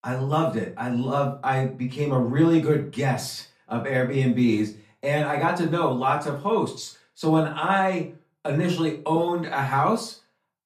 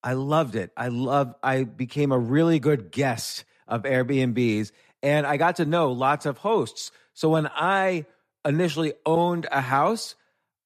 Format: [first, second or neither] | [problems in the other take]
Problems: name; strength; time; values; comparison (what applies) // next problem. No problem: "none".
second | off-mic speech; far // room echo; very slight; dies away in 0.3 s